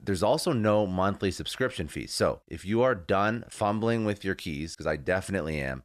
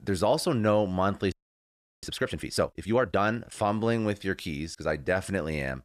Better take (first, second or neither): first